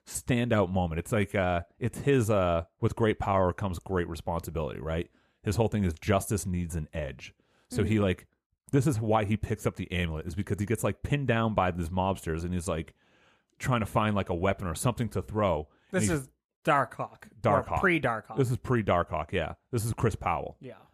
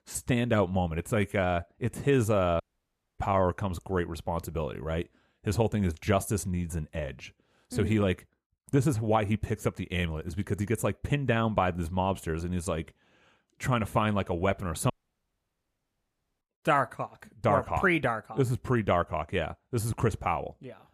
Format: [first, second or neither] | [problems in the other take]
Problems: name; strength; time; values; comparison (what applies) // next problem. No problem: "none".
first | audio cutting out; at 2.5 s for 0.5 s and at 15 s for 1.5 s